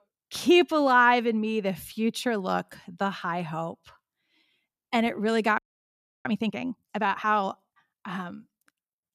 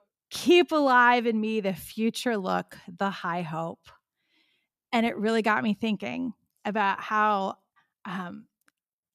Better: second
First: audio freezing; at 5.5 s for 0.5 s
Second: none

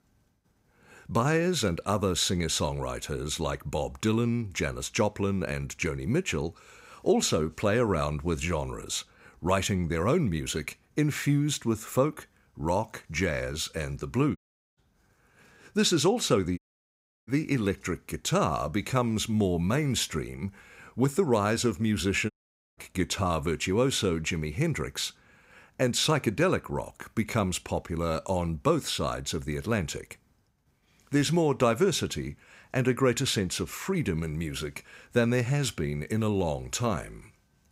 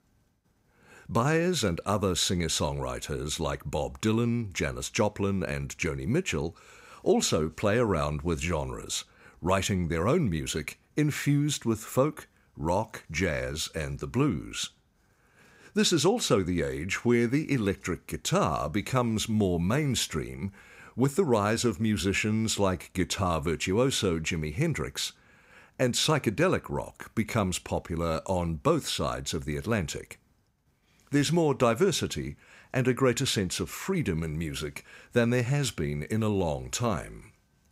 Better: second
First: audio cutting out; at 14 s, at 17 s for 0.5 s and at 22 s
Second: none

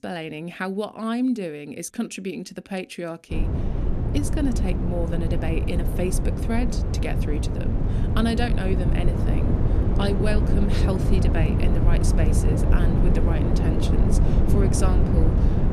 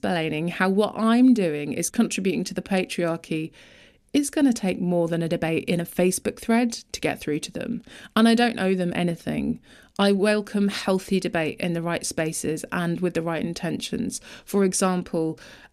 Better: second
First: wind noise on the microphone; heavy; from 3.5 s on; 1 dB below the speech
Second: none

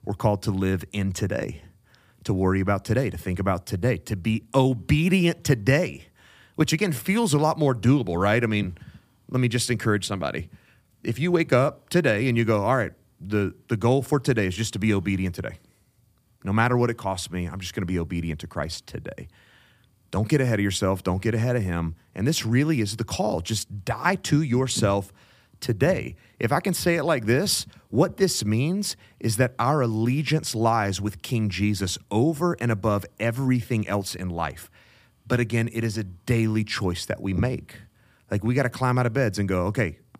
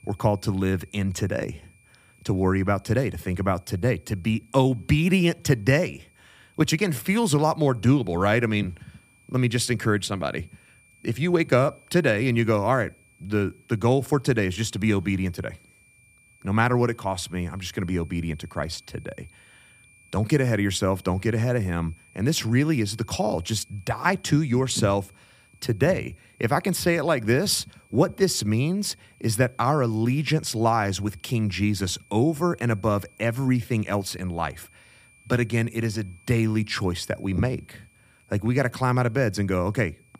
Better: first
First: none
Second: high-pitched whine; faint; throughout; 2.5 kHz, 30 dB below the speech

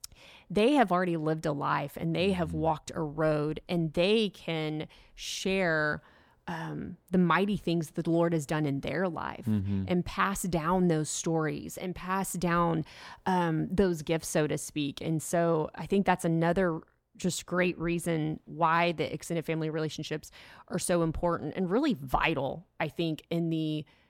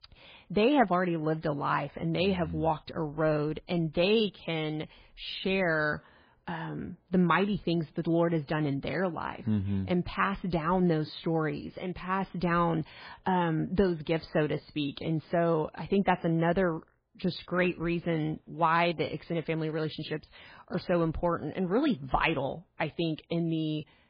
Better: first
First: none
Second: garbled, watery; badly; nothing above 4.5 kHz

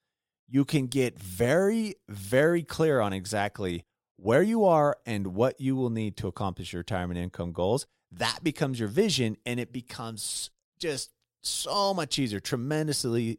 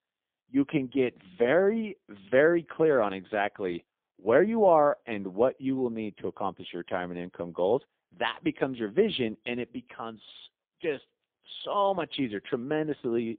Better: first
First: none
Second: phone-call audio; poor line

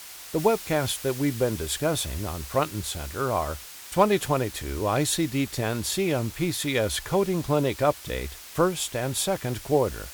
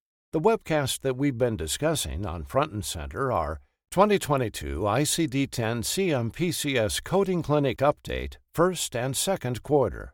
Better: second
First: hiss; noticeable; throughout; 15 dB below the speech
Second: none

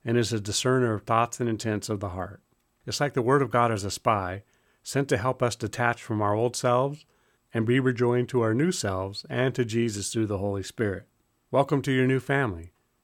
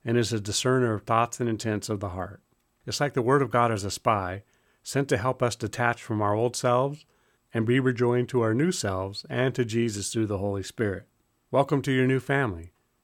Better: neither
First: none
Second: none

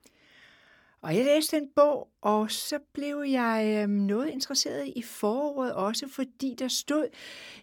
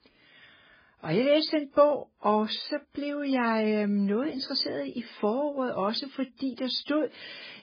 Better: first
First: none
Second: garbled, watery; badly; nothing above 5 kHz

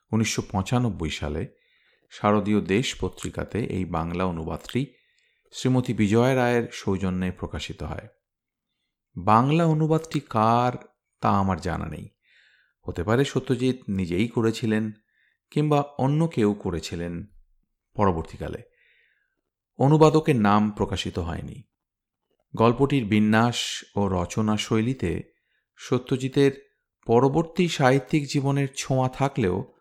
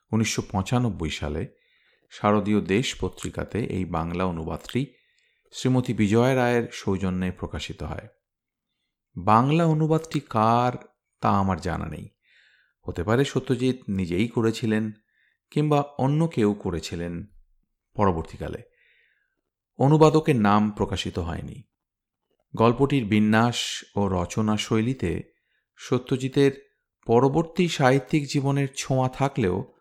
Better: neither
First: none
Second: none

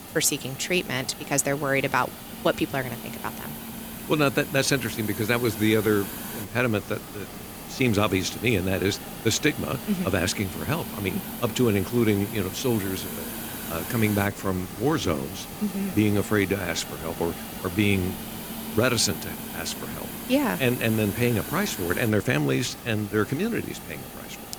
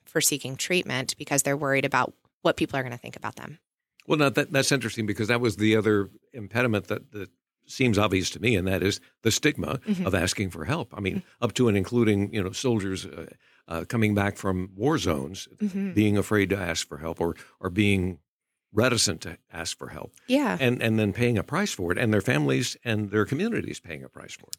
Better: second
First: hiss; loud; throughout; 10 dB below the speech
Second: none

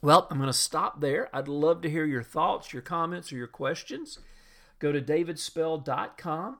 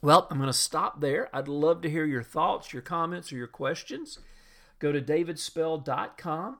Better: neither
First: none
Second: none

